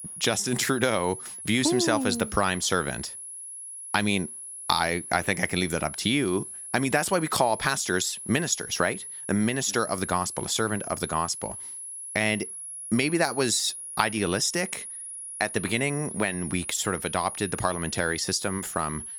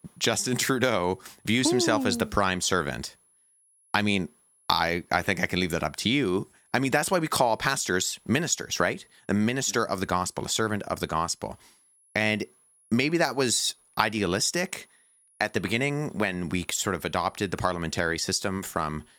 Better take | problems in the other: second | high-pitched whine; loud; throughout; 10.5 kHz, 9 dB below the speech; faint in the second

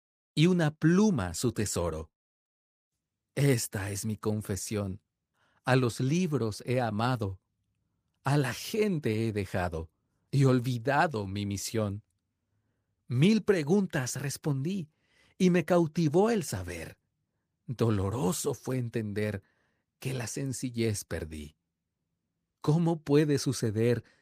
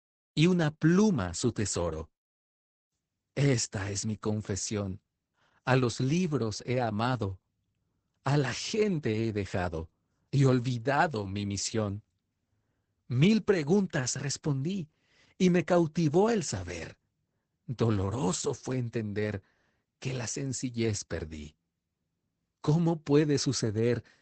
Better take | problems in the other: first | garbled, watery; badly; nothing above 8 kHz; slightly in the first

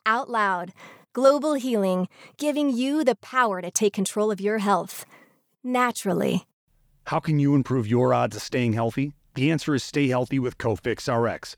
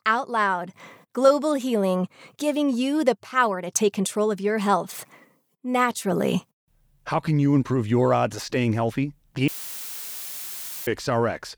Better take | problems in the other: first | audio cutting out; filled with static; at 9.5 s for 1.5 s

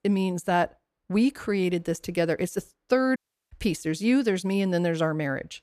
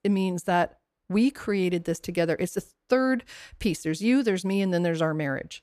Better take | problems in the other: second | audio cutting out; at 3 s

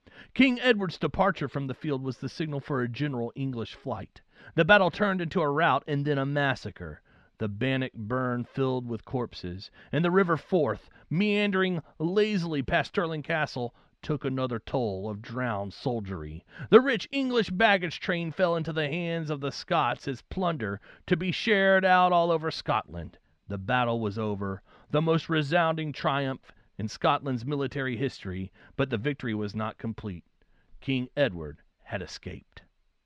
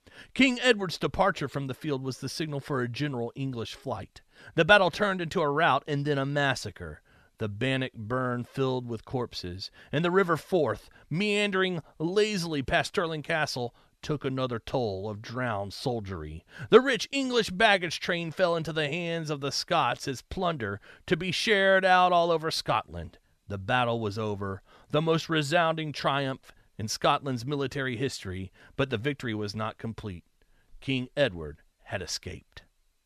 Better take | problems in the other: second | muffled; very slightly; fading above 3.5 kHz

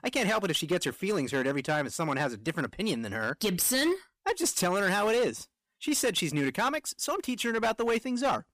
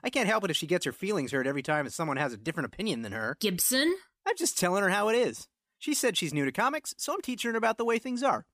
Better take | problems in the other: second | distortion; slight; 9% of the sound clipped

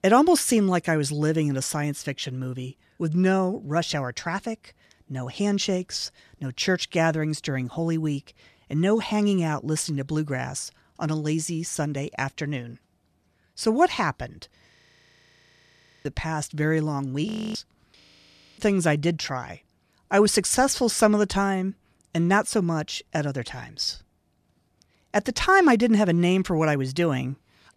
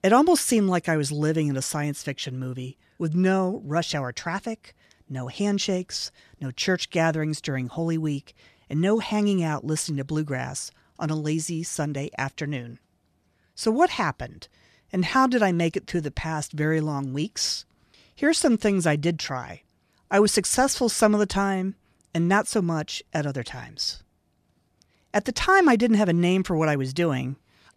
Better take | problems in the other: second | audio freezing; at 15 s for 1.5 s, at 17 s and at 18 s for 0.5 s

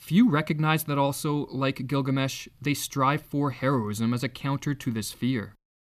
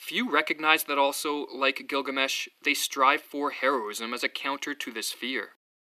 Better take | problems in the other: first | thin; somewhat; fading below 350 Hz

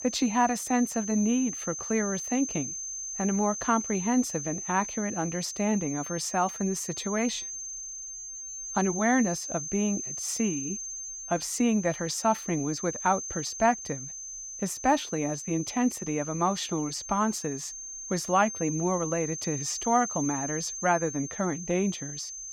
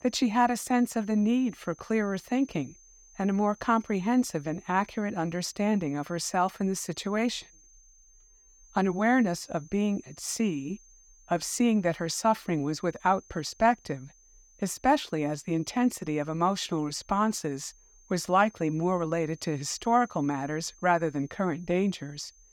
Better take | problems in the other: second | high-pitched whine; loud; throughout; 6.5 kHz, 6 dB below the speech; faint in the second

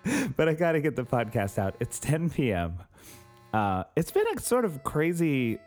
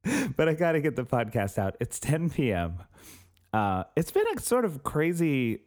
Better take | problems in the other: second | alarms or sirens; faint; throughout; 30 dB below the speech

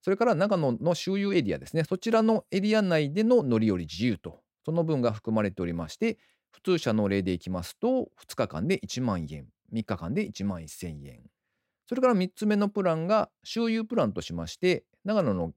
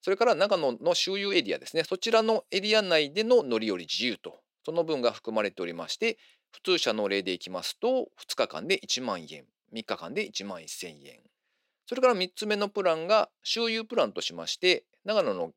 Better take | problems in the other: first | thin; somewhat; fading below 400 Hz

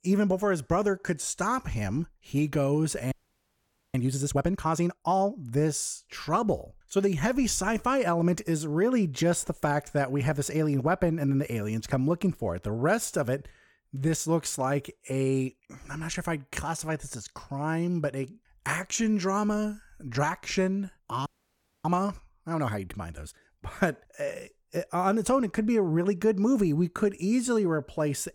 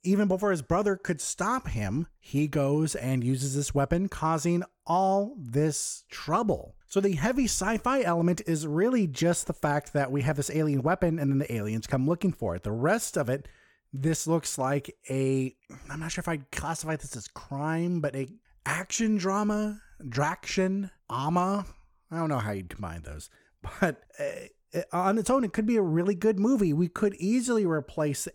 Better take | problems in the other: second | audio freezing; at 3 s for 1 s and at 21 s for 0.5 s

